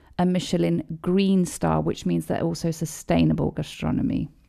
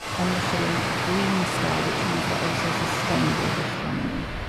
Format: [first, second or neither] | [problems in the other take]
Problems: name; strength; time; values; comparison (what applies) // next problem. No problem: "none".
first | rain or running water; very loud; throughout; 4 dB above the speech